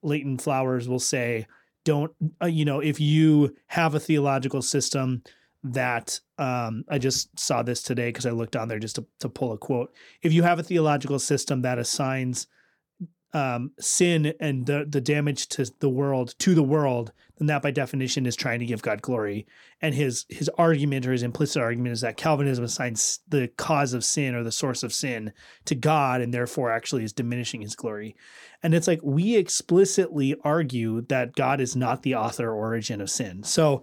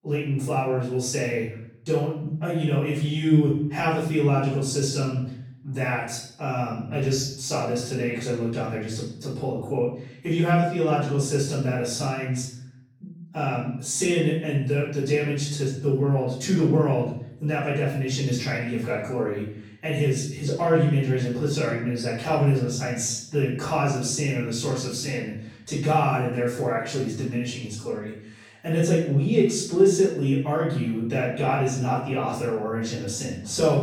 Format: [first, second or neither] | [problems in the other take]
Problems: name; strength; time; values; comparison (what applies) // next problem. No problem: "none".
first | off-mic speech; far // room echo; noticeable; dies away in 0.6 s